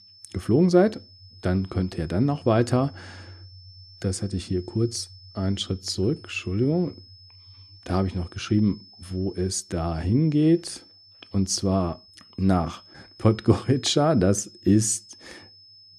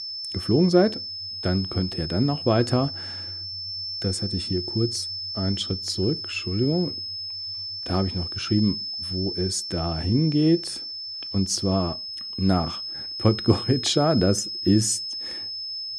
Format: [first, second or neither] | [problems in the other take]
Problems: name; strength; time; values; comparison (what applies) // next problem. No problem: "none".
first | high-pitched whine; loud; throughout; 5.5 kHz, 6 dB below the speech; faint in the first